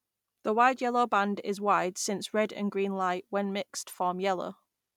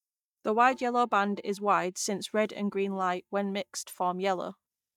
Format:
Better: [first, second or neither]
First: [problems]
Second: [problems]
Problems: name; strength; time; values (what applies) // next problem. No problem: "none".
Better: first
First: none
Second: noise reduction (neural mask model DeepFilterNet 3)